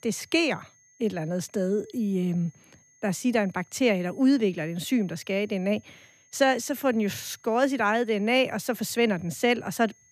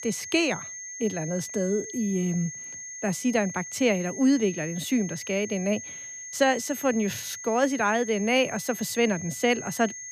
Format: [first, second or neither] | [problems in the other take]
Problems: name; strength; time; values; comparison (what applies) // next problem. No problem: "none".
first | high-pitched whine; loud; throughout; 6.5 kHz, 10 dB below the speech; faint in the first